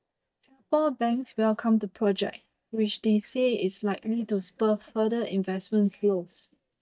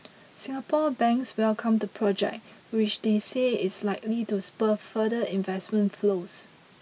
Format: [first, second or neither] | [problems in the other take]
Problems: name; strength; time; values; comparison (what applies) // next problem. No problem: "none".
second | noise reduction (neural mask model DeepFilterNet 3)